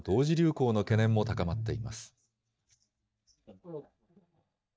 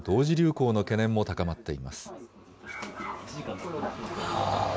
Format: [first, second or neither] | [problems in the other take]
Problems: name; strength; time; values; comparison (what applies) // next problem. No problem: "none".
second | noise reduction (neural mask model DeepFilterNet 3)